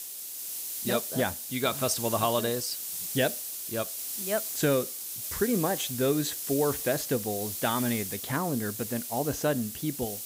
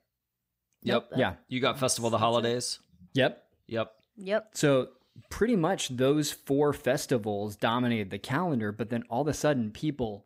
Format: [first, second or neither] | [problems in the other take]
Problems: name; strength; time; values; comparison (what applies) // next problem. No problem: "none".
second | hiss; loud; throughout; 3 dB below the speech